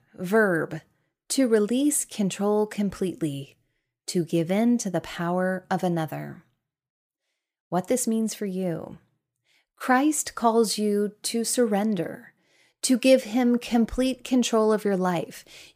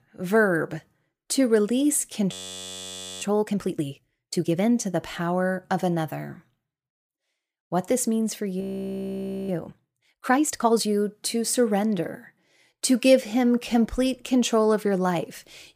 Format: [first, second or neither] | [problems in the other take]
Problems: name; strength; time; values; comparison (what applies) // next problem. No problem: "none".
first | audio freezing; at 2.5 s for 1 s and at 8.5 s for 1 s